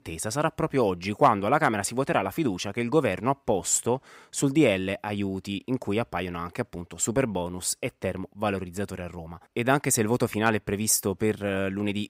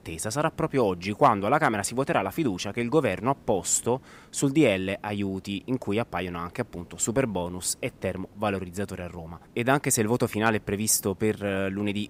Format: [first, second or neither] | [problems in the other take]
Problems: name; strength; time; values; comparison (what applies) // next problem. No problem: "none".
first | hiss; faint; throughout; 25 dB below the speech